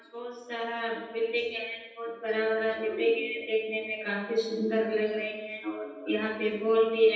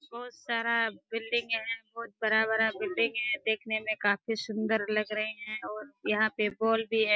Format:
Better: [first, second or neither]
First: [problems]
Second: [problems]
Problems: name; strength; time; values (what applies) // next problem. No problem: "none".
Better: second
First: room echo; dies away in 1.1 s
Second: none